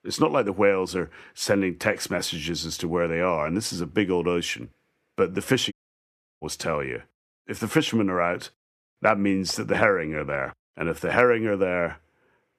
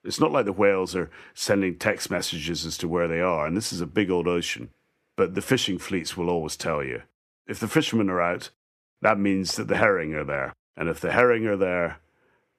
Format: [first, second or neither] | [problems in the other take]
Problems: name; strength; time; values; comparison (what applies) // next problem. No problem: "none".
second | audio cutting out; at 5.5 s for 0.5 s